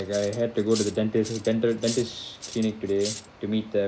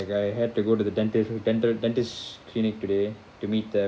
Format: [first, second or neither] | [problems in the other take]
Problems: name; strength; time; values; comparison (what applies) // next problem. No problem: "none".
second | background sound (Cutlery, silverware); 13 dB below the speech